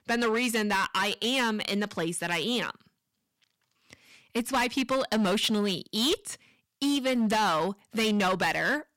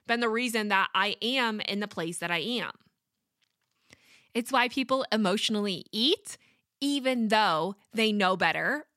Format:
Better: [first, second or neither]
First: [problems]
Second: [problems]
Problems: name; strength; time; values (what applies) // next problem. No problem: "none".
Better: second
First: distortion; heavy; 12% of the sound clipped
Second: none